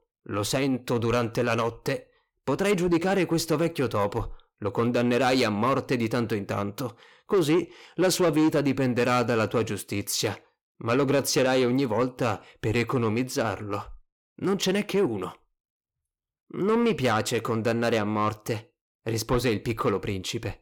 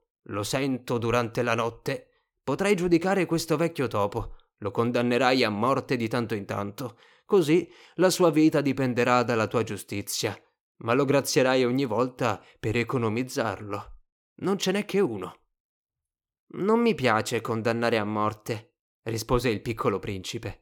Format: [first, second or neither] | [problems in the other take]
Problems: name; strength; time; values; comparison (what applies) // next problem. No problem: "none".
second | distortion; slight; 10 dB below the speech